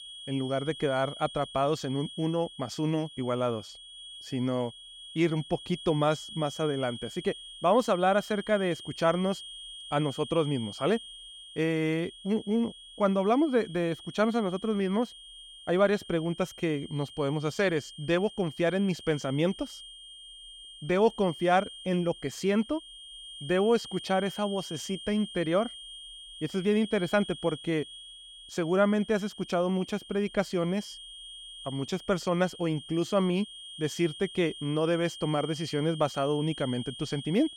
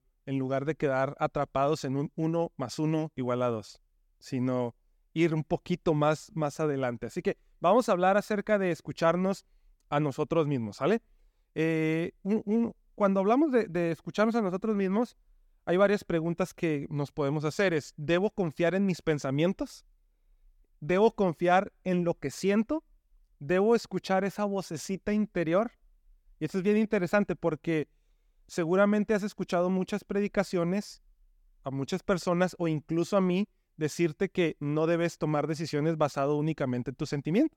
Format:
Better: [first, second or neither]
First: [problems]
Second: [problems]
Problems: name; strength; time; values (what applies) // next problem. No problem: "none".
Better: second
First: high-pitched whine; noticeable; throughout; 3.5 kHz, 15 dB below the speech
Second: none